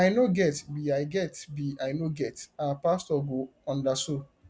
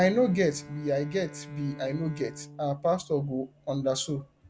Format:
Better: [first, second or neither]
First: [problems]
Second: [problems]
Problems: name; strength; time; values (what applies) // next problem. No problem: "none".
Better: first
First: none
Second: background sound (Bowed string instrument); 18 dB below the speech